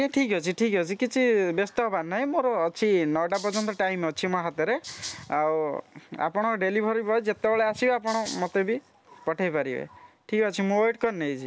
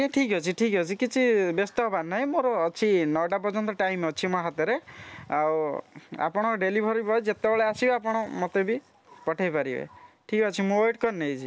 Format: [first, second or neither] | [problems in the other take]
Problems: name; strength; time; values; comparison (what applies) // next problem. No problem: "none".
second | background sound (Rattle (instrument)); 15 dB below the speech